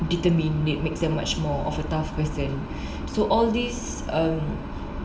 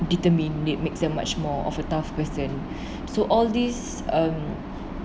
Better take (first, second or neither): second